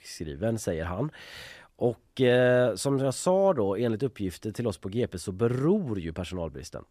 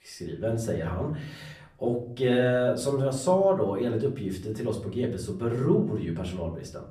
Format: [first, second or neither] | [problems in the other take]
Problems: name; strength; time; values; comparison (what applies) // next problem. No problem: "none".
first | room echo; slight; dies away in 0.5 s // off-mic speech; far